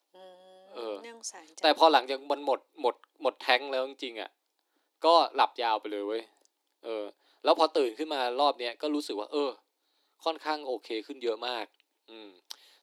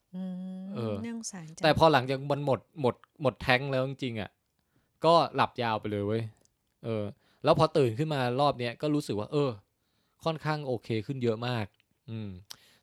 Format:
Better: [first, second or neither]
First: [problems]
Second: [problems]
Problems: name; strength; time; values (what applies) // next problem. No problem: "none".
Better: second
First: thin; somewhat; fading below 300 Hz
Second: none